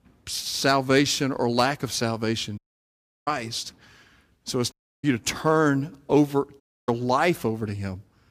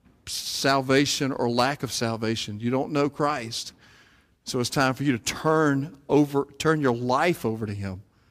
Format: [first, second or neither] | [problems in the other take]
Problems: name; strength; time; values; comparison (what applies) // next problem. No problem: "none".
second | audio cutting out; at 2.5 s for 0.5 s, at 4.5 s and at 6.5 s